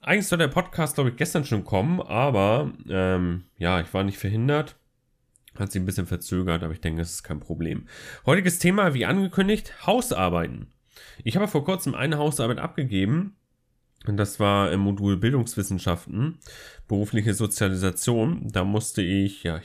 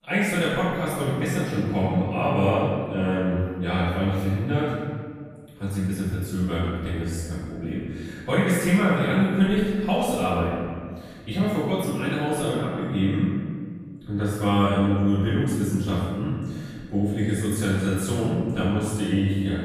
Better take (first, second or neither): first